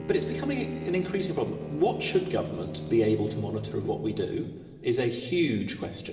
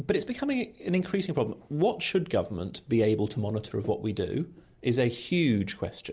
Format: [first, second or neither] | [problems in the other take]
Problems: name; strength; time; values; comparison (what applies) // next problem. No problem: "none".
second | background sound (Bowed string instrument); 10 dB below the speech // room echo; dies away in 2.8 s